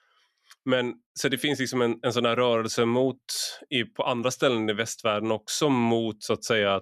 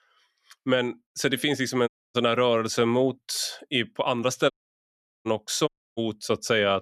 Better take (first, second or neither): first